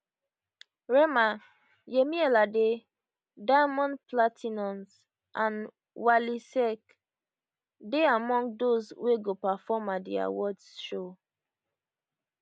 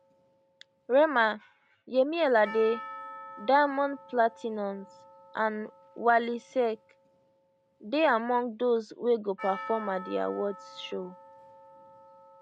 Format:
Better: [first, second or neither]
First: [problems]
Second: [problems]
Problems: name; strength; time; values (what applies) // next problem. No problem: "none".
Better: first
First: none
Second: background sound (Percussion); 17 dB below the speech